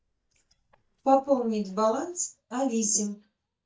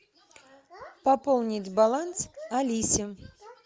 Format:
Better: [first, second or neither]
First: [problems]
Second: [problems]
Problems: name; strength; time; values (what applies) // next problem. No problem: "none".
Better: second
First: noise reduction (neural mask model DeepFilterNet 3)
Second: none